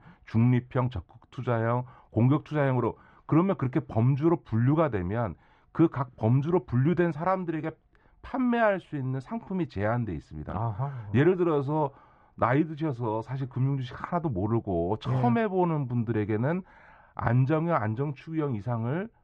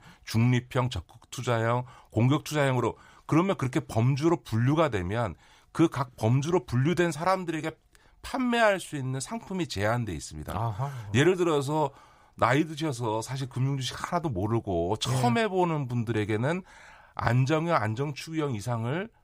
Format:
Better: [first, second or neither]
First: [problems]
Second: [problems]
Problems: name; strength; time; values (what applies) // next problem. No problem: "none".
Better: second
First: muffled; very; fading above 2 kHz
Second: none